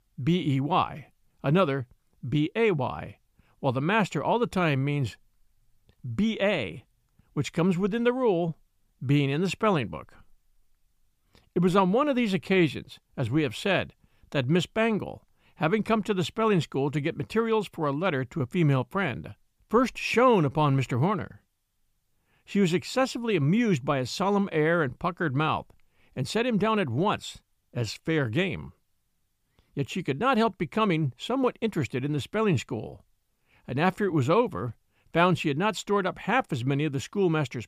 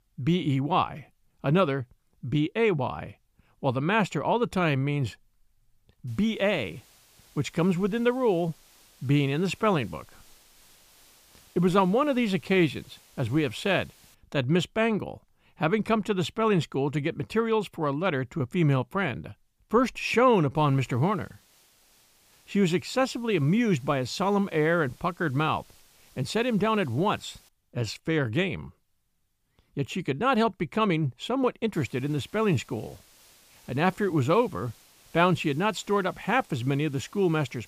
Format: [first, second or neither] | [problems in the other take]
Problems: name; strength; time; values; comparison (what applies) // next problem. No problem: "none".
first | hiss; faint; from 6 to 14 s, from 21 to 27 s and from 32 s on; 30 dB below the speech